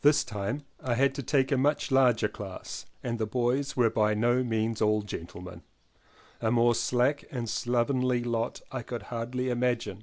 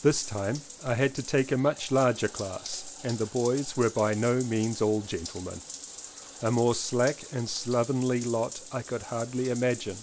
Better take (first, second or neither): first